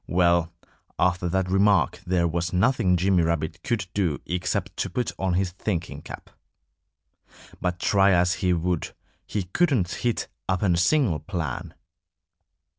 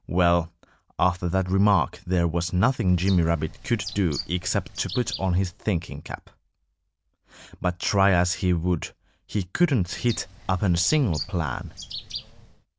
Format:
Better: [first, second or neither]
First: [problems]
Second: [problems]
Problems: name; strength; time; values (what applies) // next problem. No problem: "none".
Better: first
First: none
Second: background sound (Bird); 14 dB below the speech